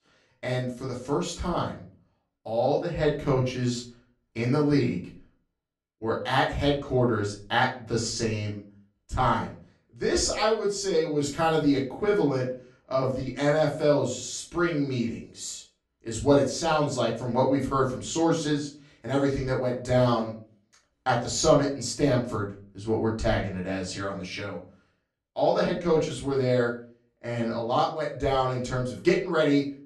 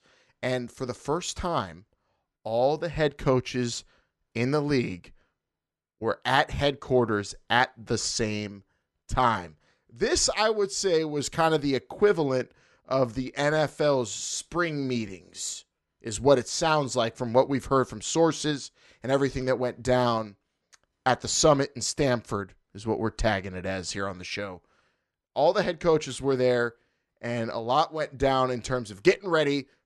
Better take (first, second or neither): second